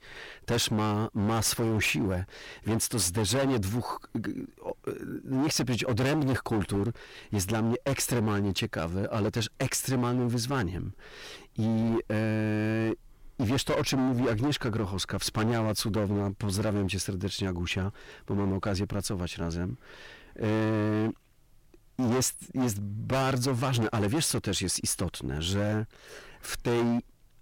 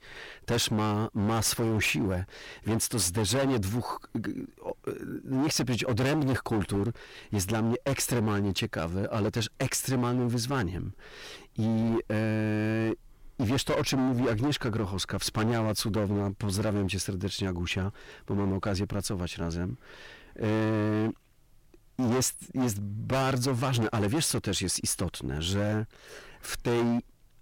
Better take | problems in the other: neither | distortion; heavy; 19% of the sound clipped; the same in both

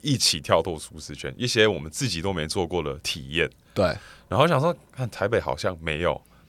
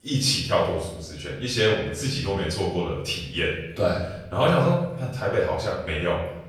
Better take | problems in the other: first | off-mic speech; far // room echo; noticeable; dies away in 0.8 s

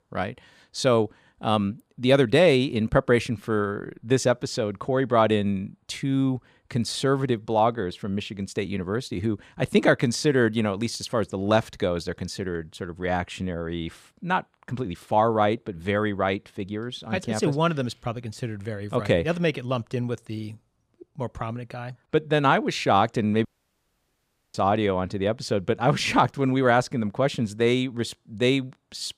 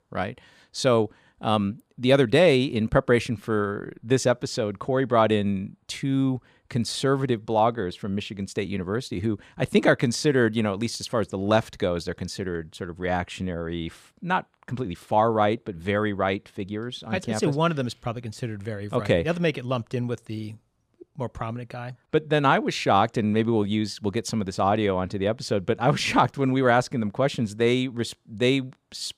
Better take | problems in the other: second | audio cutting out; at 23 s for 1 s

